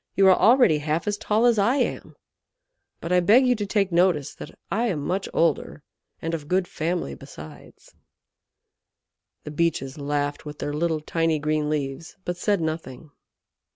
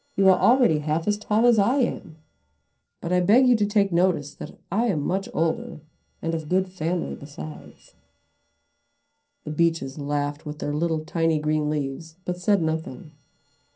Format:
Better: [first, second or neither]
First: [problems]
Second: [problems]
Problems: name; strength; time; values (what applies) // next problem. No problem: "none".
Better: first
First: none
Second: noise reduction (neural separator model SepFormer DNS4)